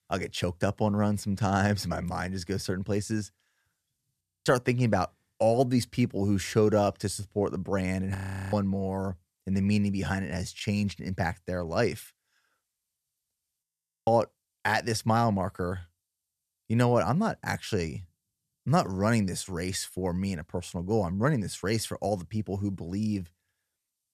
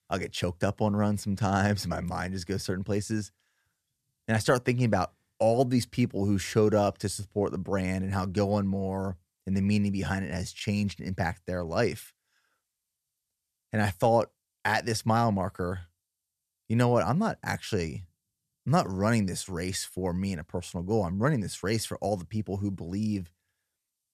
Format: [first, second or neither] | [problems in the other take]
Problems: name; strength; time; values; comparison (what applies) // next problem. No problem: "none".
second | audio freezing; at 4 s, at 8 s and at 14 s